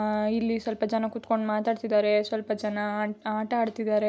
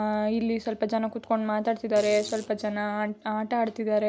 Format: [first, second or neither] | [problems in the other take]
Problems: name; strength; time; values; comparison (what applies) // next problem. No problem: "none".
first | background sound (Fart); 19 dB below the speech